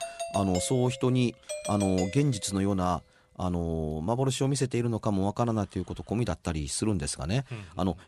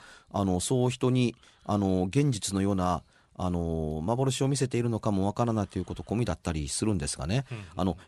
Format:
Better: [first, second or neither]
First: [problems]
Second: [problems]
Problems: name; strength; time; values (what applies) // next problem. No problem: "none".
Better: second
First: doorbell; noticeable; until 2.5 s; peak 5 dB below the speech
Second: none